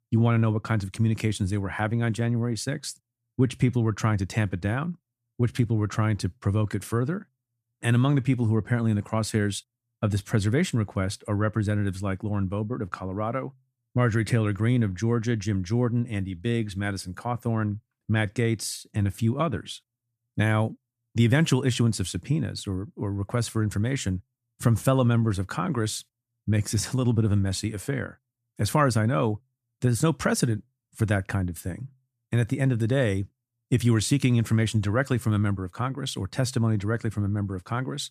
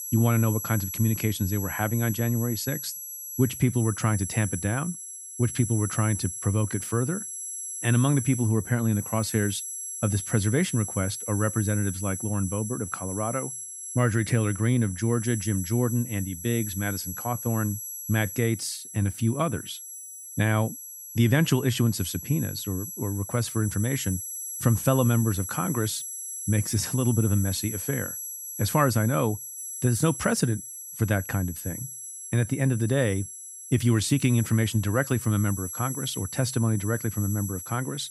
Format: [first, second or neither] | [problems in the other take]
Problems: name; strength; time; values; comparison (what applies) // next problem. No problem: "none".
first | high-pitched whine; loud; throughout; 11 kHz, 7 dB below the speech